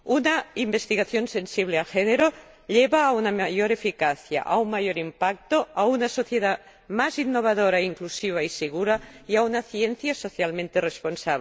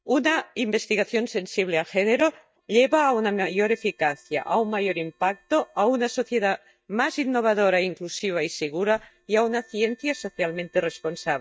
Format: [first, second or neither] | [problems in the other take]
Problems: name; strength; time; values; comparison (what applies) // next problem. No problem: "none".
first | noise reduction (neural mask model DeepFilterNet 3)